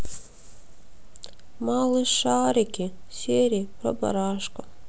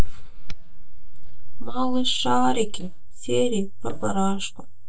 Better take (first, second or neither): first